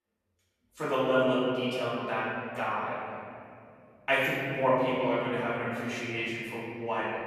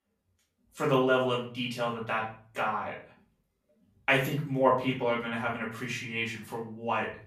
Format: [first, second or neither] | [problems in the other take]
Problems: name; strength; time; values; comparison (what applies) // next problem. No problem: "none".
second | room echo; strong; dies away in 2.6 s; slight in the second // off-mic speech; far; far in the second